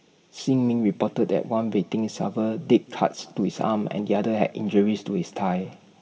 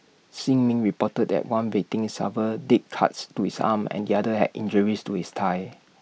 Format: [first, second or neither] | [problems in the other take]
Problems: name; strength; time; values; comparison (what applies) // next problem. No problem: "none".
second | room echo; dies away in 0.4 s